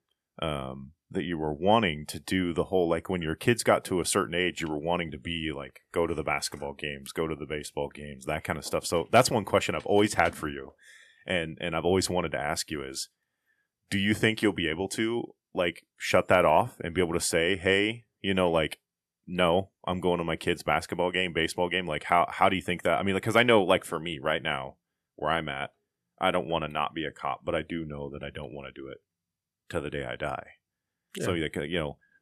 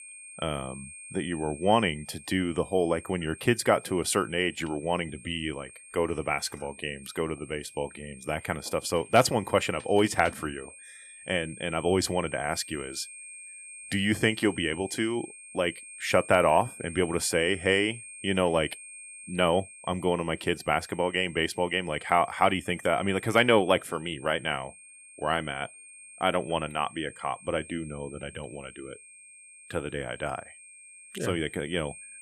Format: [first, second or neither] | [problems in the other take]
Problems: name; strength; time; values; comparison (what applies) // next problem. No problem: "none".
first | high-pitched whine; noticeable; throughout; 8.5 kHz, 15 dB below the speech